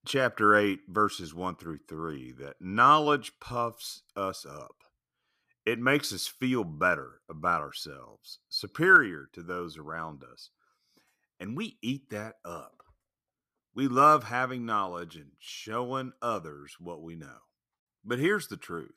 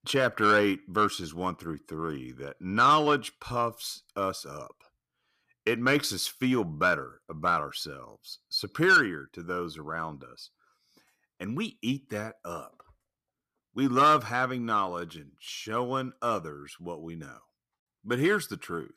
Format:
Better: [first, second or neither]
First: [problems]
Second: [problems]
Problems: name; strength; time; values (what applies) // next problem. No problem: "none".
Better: first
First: none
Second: distortion; slight; 10 dB below the speech